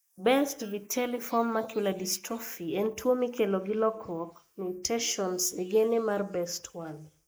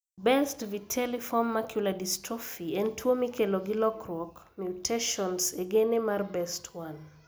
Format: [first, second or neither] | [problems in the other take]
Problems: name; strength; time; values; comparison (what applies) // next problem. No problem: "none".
second | noise reduction (neural mask model Resemble Enhance denoiser)